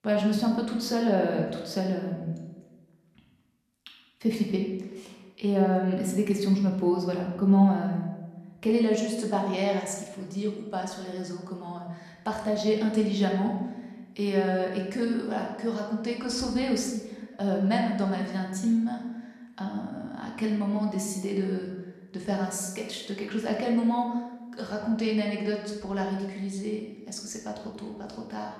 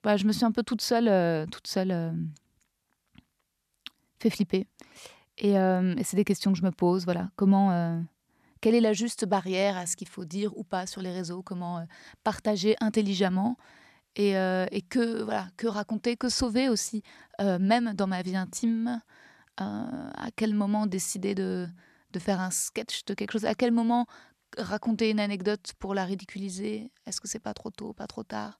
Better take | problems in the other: second | room echo; noticeable; dies away in 0.9 s // off-mic speech; somewhat distant

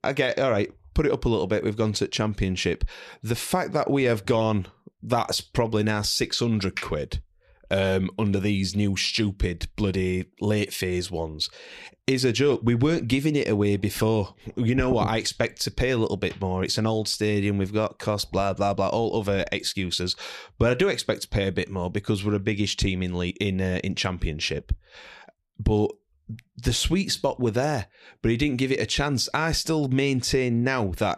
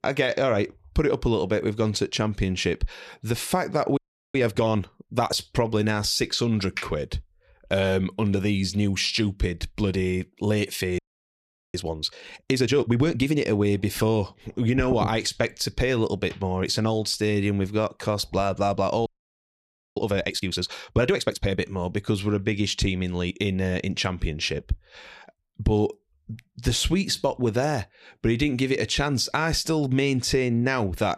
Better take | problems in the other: first | audio freezing; at 4 s, at 11 s for 1 s and at 19 s for 1 s

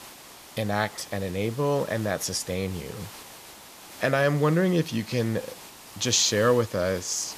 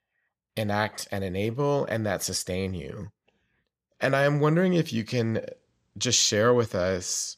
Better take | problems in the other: second | hiss; noticeable; throughout; 20 dB below the speech

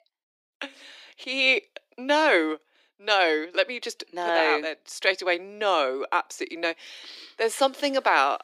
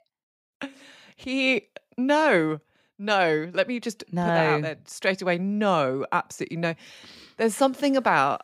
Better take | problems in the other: second | thin; somewhat; fading below 300 Hz

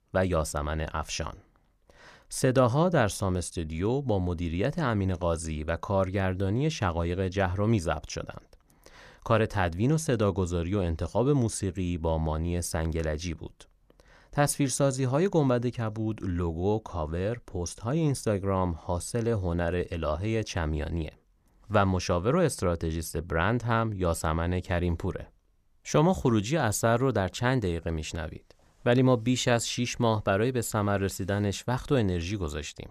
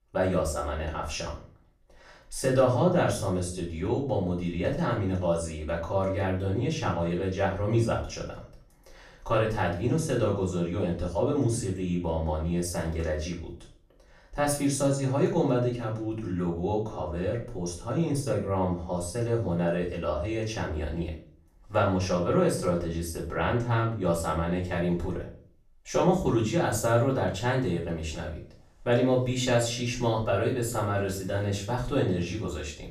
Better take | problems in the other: first | room echo; slight; dies away in 0.4 s // off-mic speech; far

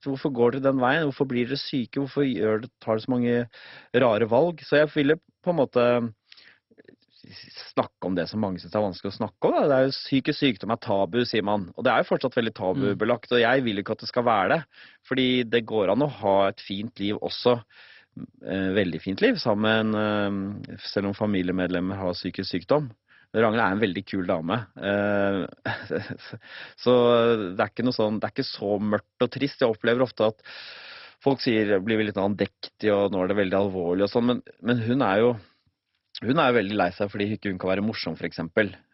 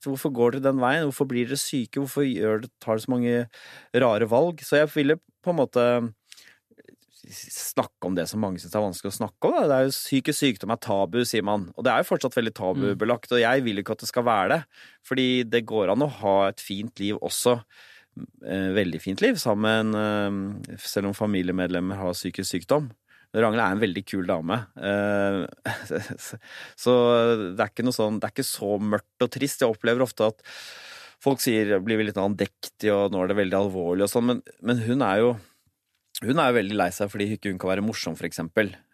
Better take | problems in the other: second | garbled, watery; badly; nothing above 5.5 kHz

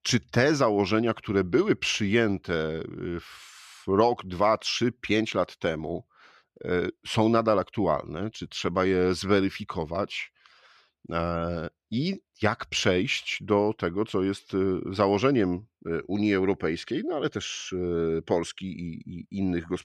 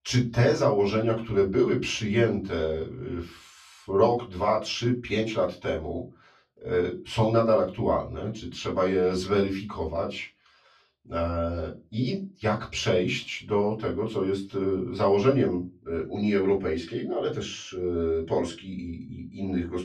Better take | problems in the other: first | off-mic speech; far // room echo; very slight; dies away in 0.3 s

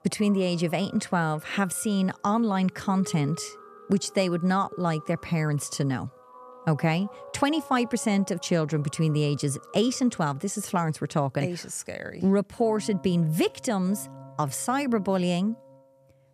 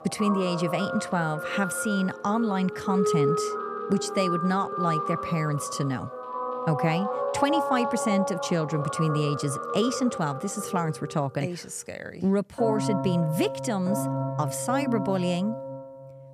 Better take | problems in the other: first | background music; loud; throughout; 3 dB below the speech; faint in the first

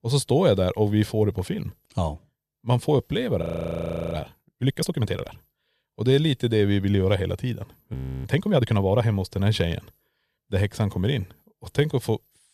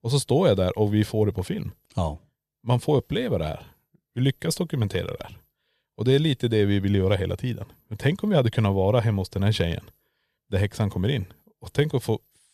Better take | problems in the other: second | audio freezing; at 3.5 s for 0.5 s and at 8 s

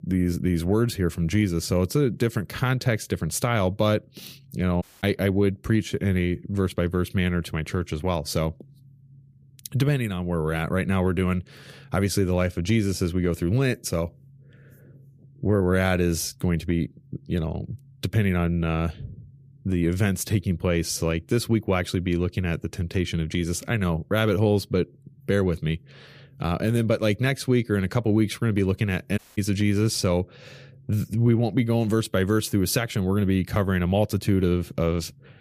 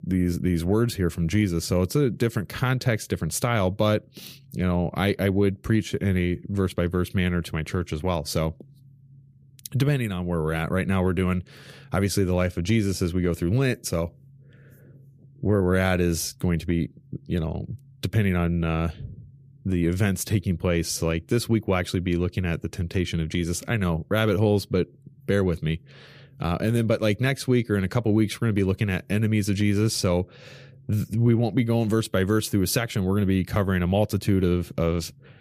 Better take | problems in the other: second | audio cutting out; at 5 s and at 29 s

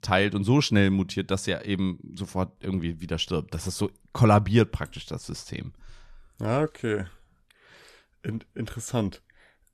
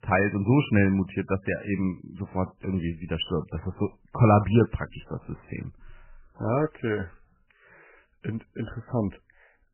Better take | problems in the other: first | garbled, watery; badly; nothing above 3 kHz

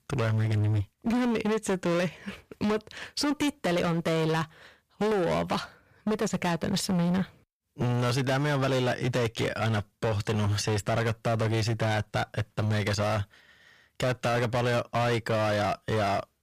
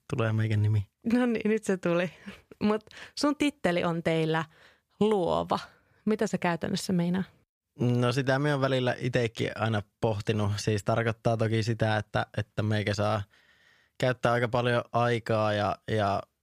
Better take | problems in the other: second | distortion; heavy; 25% of the sound clipped

